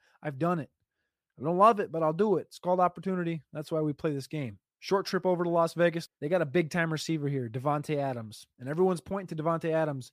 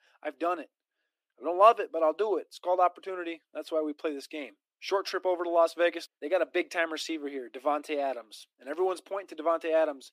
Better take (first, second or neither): first